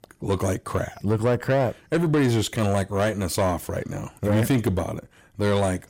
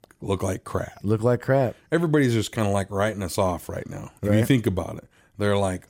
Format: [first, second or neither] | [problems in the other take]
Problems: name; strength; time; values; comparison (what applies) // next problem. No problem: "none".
second | distortion; slight; 10 dB below the speech